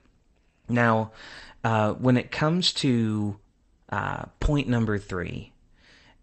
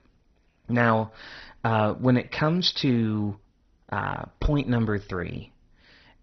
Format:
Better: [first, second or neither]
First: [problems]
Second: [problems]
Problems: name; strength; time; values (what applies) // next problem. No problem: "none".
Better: first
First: garbled, watery; slightly; nothing above 8.5 kHz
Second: garbled, watery; badly; nothing above 5.5 kHz